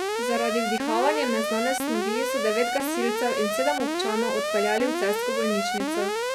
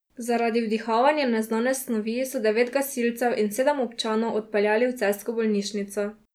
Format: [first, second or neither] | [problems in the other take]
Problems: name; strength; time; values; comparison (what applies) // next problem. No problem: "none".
second | background sound (Alarm); as loud as the speech